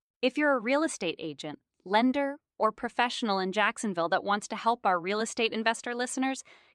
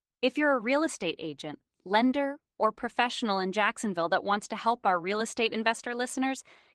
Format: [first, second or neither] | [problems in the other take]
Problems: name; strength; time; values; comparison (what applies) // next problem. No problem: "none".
first | garbled, watery; slightly